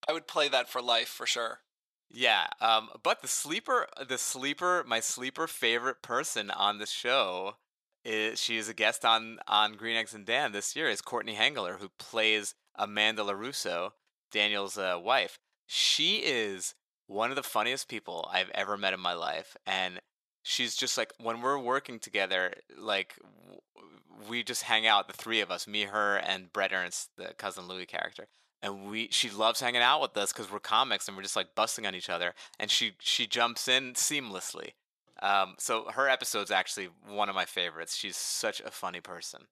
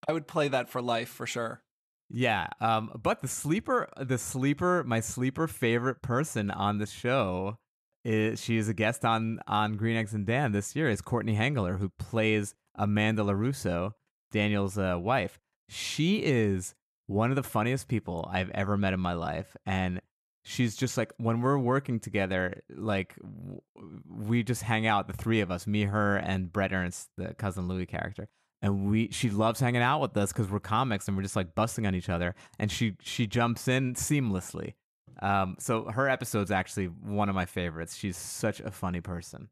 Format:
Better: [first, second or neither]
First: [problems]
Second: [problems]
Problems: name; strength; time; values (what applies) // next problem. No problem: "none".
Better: second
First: thin; very; fading below 550 Hz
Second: none